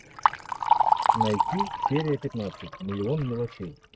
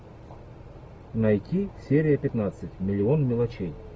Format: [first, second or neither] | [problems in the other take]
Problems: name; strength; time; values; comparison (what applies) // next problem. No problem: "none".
second | noise reduction (neural mask model RNNoise)